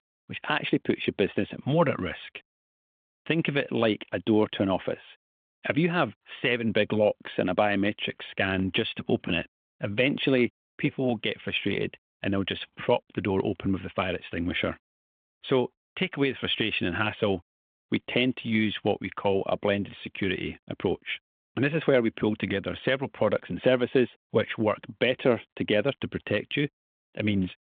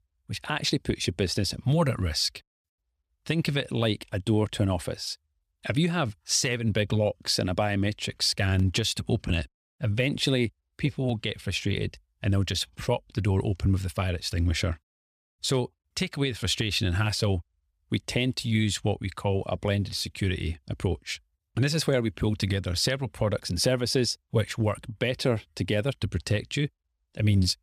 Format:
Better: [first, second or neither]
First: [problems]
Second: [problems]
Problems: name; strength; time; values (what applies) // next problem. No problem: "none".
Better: second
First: phone-call audio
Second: none